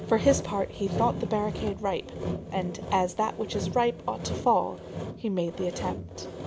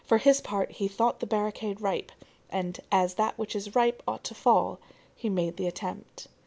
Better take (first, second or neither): second